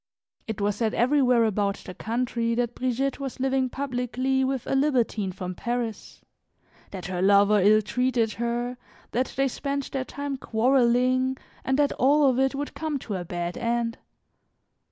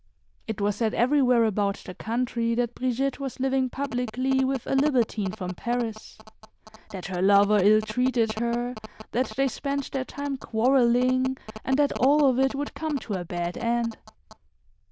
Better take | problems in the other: first | noise reduction (neural diffusion model UNIVERSE++)

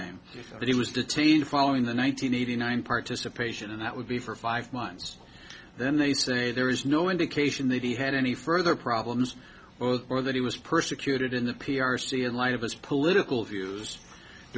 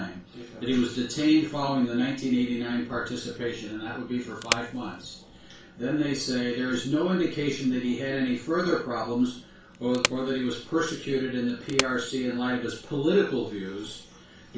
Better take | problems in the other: first | background sound (Wood); 7 dB below the speech // room echo; dies away in 0.3 s

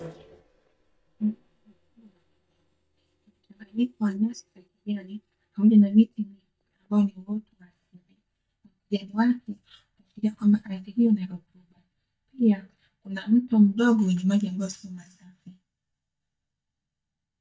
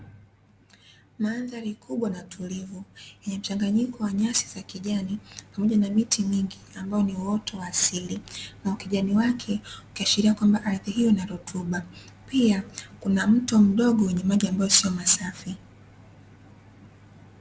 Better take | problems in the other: second | noise reduction (neural mask model DeepFilterNet 3)

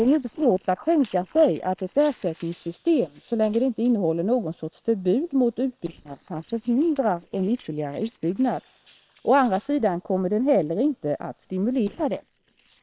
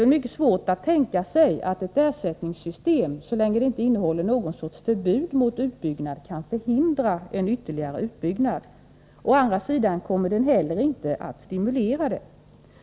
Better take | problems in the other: second | noise reduction (neural separator model SepFormer WHAM!)

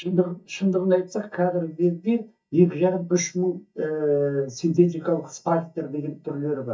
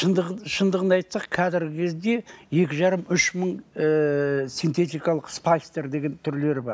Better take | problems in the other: second | noise reduction (neural mask model DeepFilterNet 3)

